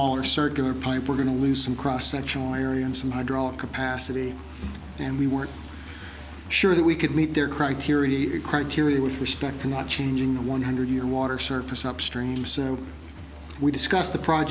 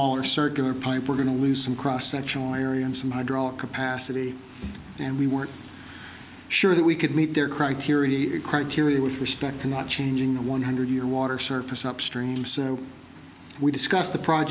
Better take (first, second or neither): second